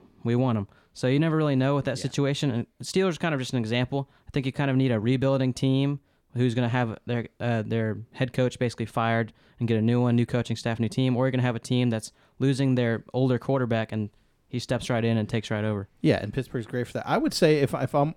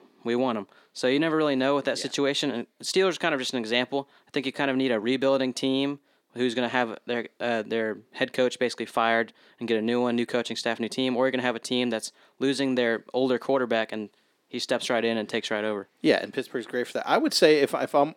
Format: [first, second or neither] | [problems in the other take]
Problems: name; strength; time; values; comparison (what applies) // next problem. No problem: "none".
first | thin; somewhat; fading below 300 Hz